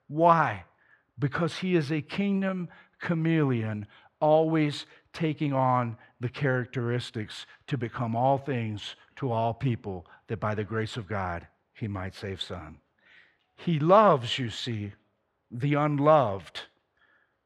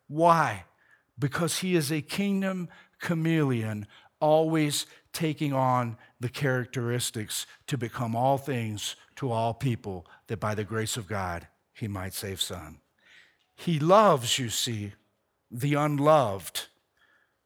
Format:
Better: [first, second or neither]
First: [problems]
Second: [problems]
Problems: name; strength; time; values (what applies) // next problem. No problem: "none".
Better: second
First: muffled; slightly; fading above 3 kHz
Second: none